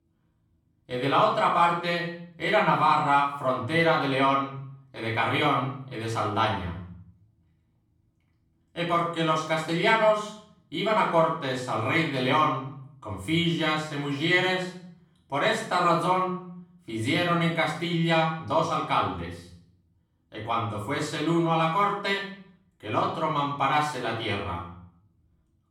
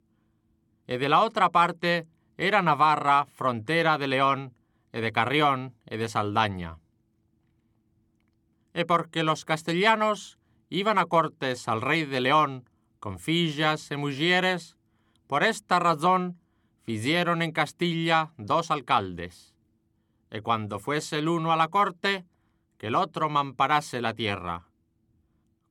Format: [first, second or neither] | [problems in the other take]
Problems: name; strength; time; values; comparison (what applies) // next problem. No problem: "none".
second | off-mic speech; far // room echo; noticeable; dies away in 0.6 s